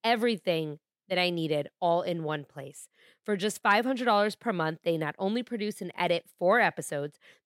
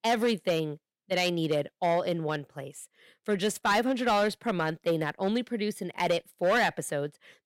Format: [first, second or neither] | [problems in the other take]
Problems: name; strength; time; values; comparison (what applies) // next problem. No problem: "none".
first | distortion; slight; 5% of the sound clipped